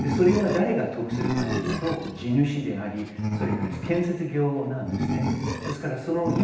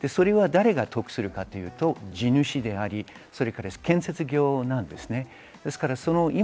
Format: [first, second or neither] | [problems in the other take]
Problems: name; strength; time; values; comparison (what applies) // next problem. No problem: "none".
second | background sound (Animal); 3 dB below the speech // room echo; dies away in 0.9 s